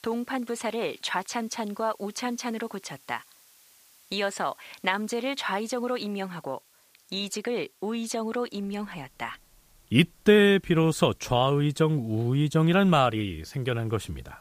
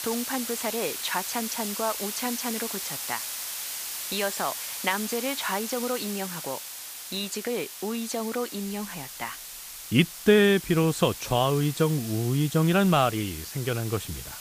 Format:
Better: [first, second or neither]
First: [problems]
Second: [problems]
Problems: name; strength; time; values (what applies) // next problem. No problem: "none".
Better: first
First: hiss; faint; throughout; 30 dB below the speech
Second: hiss; loud; throughout; 7 dB below the speech